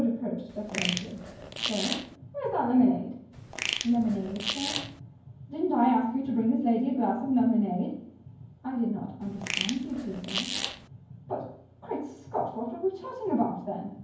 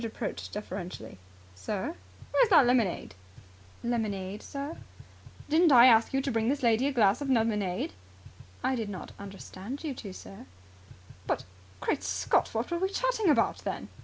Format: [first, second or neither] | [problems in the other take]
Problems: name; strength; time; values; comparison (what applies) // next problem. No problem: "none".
second | background sound (Fart); 5 dB below the speech // room echo; dies away in 0.9 s